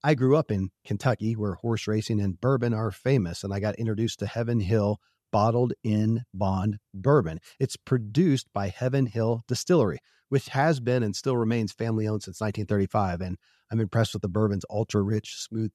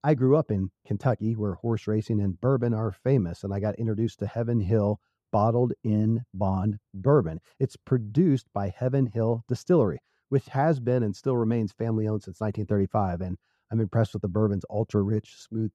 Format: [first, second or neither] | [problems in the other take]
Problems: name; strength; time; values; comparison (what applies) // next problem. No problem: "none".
first | muffled; slightly; fading above 1.5 kHz